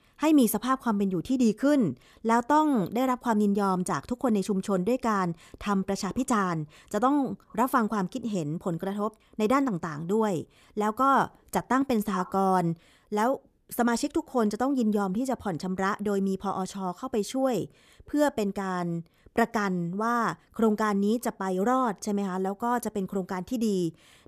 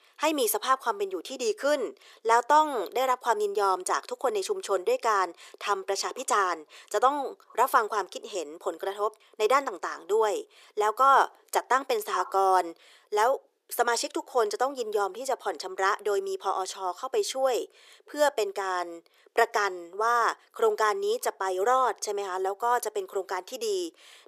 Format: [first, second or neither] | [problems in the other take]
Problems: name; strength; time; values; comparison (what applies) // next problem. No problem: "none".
first | thin; very; fading below 400 Hz